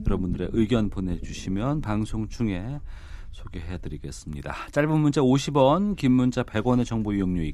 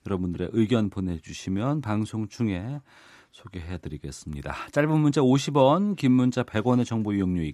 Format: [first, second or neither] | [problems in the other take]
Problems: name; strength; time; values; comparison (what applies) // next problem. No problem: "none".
second | low rumble; faint; throughout; 25 dB below the speech